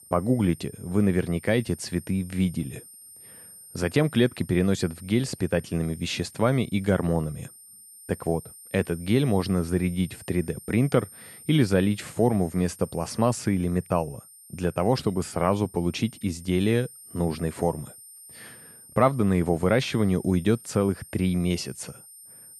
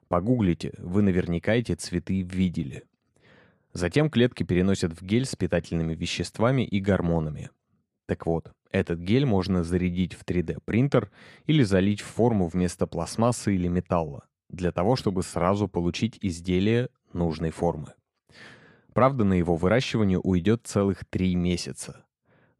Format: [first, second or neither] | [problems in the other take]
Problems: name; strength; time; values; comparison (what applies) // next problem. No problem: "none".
second | high-pitched whine; noticeable; throughout; 9 kHz, 20 dB below the speech